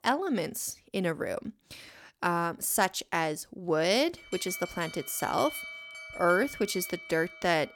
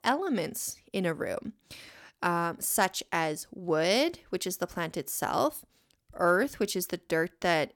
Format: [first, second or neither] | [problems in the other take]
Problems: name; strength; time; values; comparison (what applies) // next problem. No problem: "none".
second | alarm; noticeable; from 4 s on; peak 8 dB below the speech